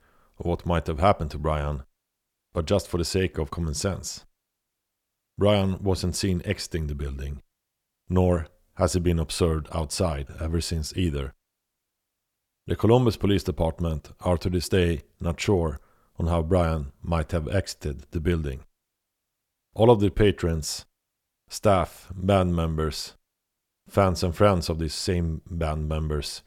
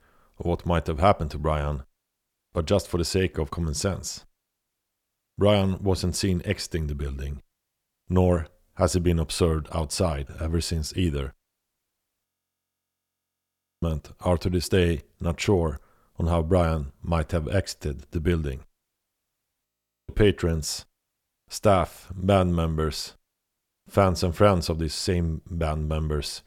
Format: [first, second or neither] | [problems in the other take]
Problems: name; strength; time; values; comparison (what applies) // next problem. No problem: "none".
first | audio freezing; at 12 s for 1.5 s and at 20 s